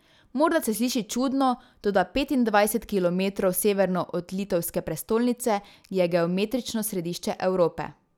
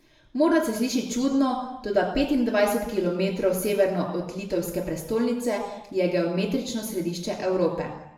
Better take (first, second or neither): first